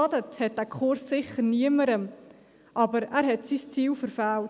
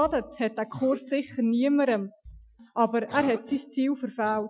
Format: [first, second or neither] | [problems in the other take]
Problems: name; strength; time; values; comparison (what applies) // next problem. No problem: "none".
first | noise reduction (classical method Wiener filter)